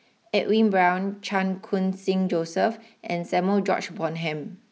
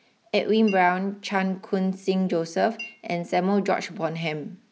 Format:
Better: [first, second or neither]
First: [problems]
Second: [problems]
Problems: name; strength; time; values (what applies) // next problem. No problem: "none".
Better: first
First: none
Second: background sound (Chink, clink); 19 dB below the speech